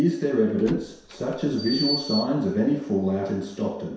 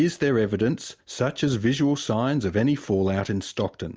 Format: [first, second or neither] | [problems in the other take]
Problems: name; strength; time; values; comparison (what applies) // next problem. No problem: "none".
second | background sound (Door); 12 dB below the speech // room echo; dies away in 0.7 s